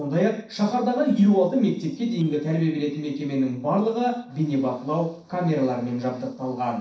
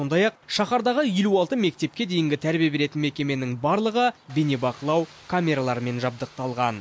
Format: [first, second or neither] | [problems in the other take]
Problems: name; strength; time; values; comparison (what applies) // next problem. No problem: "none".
second | noise reduction (neural separator model SepFormer DNS4)